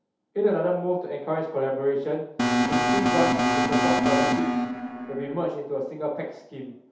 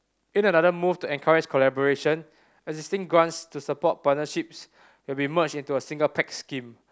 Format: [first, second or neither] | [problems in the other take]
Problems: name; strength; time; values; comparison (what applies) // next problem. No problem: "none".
second | background sound (Alarm); 5 dB above the speech // room echo; dies away in 0.8 s